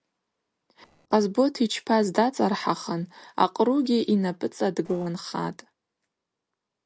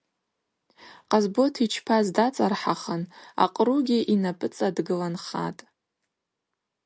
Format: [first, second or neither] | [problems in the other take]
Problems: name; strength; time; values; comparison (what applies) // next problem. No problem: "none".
second | noise reduction (neural separator model SepFormer DNS4)